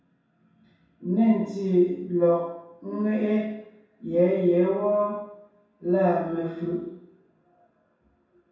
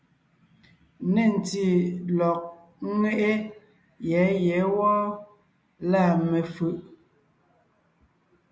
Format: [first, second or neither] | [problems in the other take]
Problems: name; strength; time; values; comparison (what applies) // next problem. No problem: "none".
second | room echo; dies away in 0.7 s